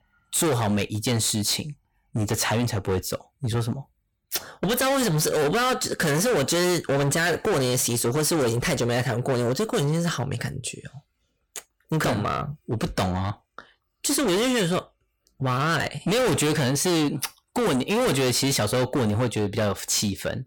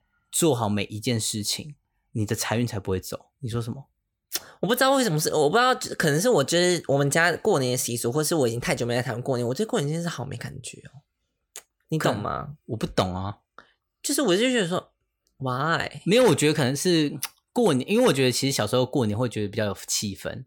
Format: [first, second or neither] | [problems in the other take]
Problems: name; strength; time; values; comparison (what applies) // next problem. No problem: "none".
second | distortion; heavy; 23% of the sound clipped